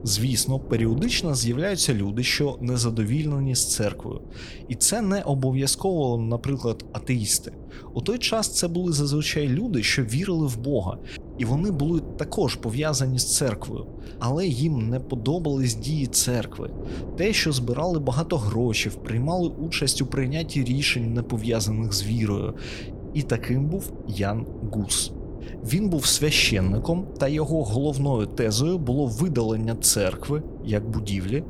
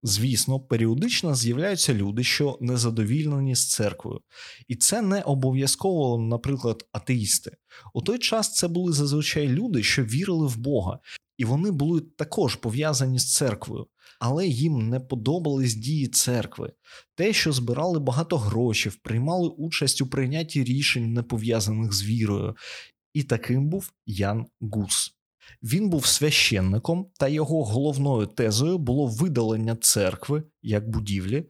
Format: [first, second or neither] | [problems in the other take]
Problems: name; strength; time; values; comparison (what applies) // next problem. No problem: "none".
second | wind noise on the microphone; occasional gusts; 15 dB below the speech